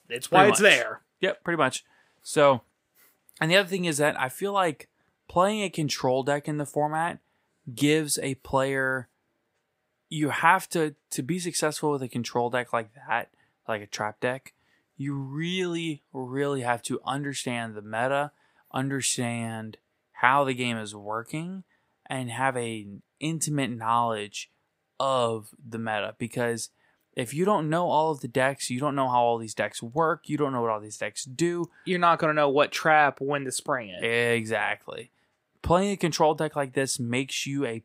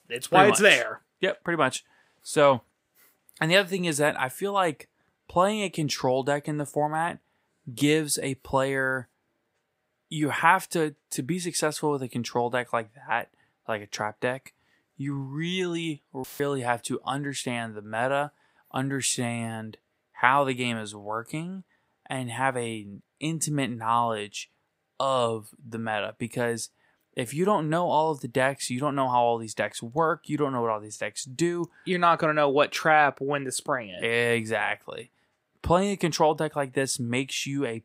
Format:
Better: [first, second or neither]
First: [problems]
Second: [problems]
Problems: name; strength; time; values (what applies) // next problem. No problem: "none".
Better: first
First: none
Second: audio cutting out; filled with static; at 16 s